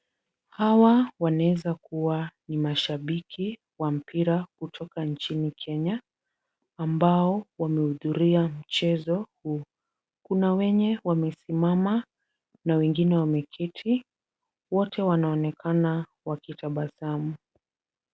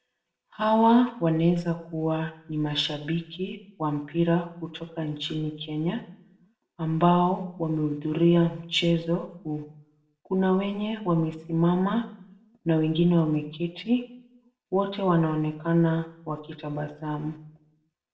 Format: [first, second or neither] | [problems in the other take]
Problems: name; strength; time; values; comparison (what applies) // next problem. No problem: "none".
first | room echo; dies away in 0.4 s